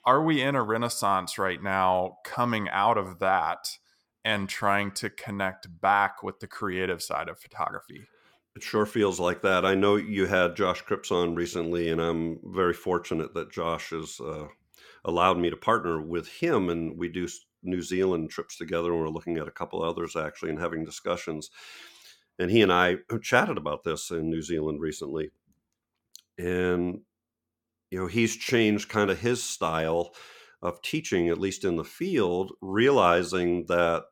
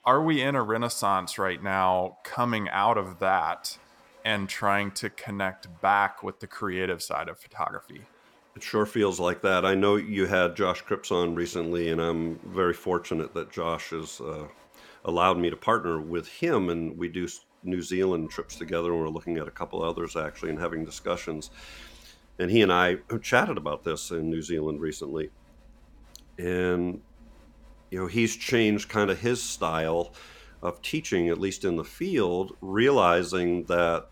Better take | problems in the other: first | crowd noise; faint; throughout; 30 dB below the speech

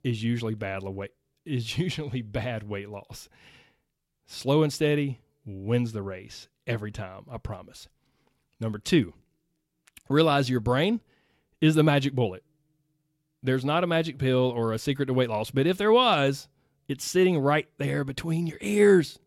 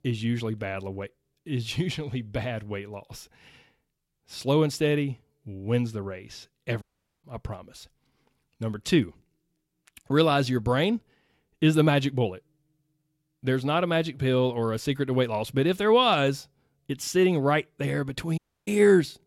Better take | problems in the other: first | audio cutting out; at 7 s and at 18 s

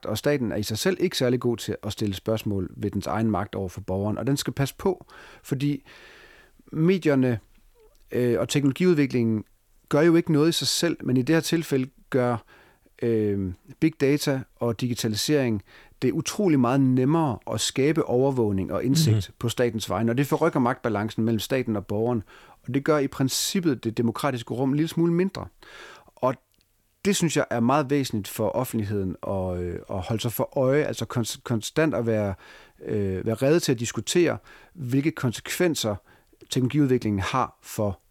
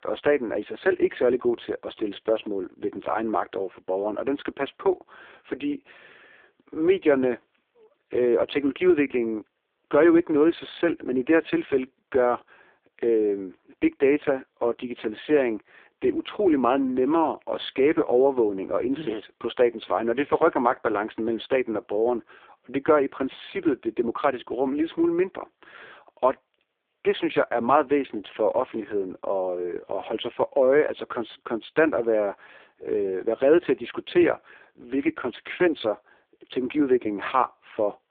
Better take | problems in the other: first | phone-call audio; poor line; nothing above 3.5 kHz

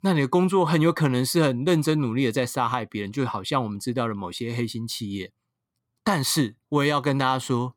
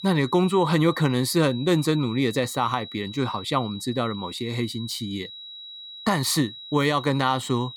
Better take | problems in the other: first | high-pitched whine; noticeable; throughout; 4 kHz, 15 dB below the speech

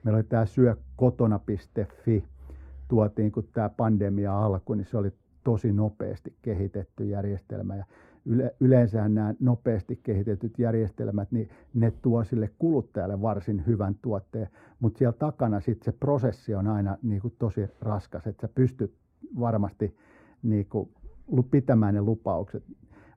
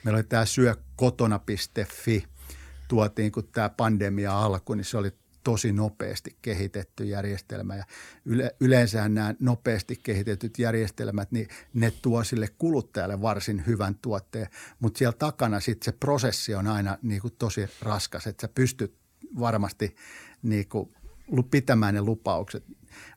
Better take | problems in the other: second | muffled; very; fading above 2 kHz

